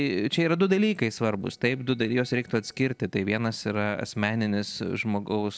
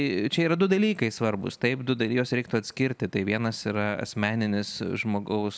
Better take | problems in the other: second | noise reduction (neural separator model SepFormer DNS4)

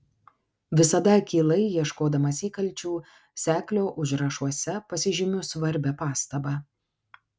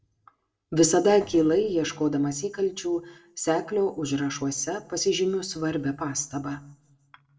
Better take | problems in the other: first | noise reduction (neural separator model SepFormer DNS4)

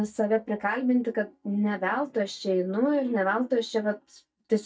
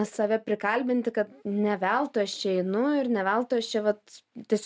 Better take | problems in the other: second | noise reduction (neural mask model DeepFilterNet 3)

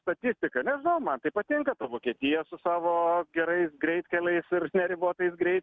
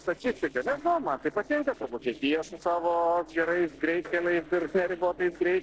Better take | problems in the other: first | noise reduction (neural separator model SepFormer DNS4)

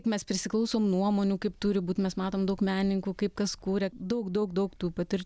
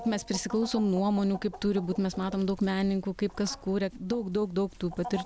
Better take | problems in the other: first | background sound (Chicken, rooster); 17 dB below the speech

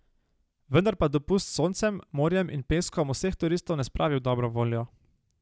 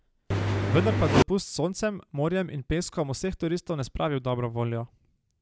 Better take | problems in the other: first | background sound (Engine); 5 dB above the speech

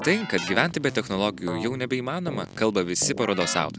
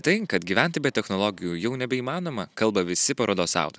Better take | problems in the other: second | background sound (Keyboard (musical)); 10 dB below the speech

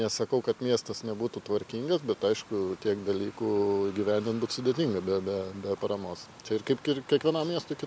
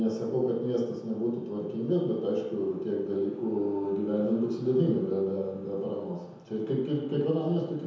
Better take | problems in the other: first | room echo; dies away in 0.9 s

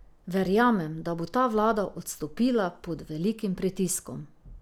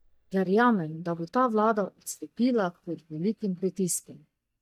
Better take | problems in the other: first | noise reduction (neural mask model DeepFilterNet 3)

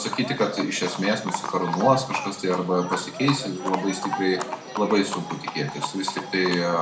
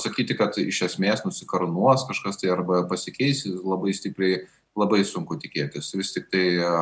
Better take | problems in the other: second | background sound (Livestock, farm animals, working animals); 7 dB below the speech // room echo; dies away in 0.5 s

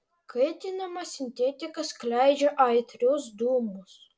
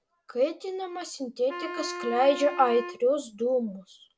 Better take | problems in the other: first | background sound (Wind instrument, woodwind instrument); 11 dB below the speech

